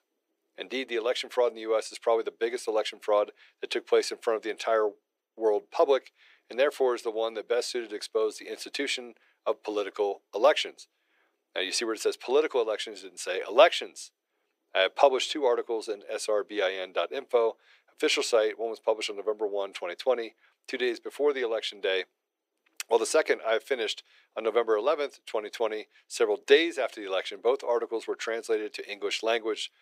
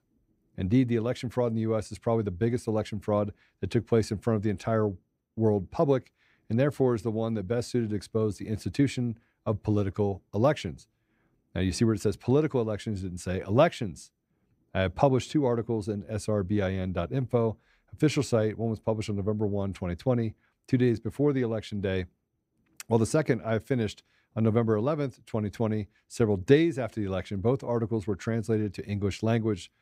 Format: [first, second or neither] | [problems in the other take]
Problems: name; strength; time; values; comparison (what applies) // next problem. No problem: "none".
second | thin; very; fading below 400 Hz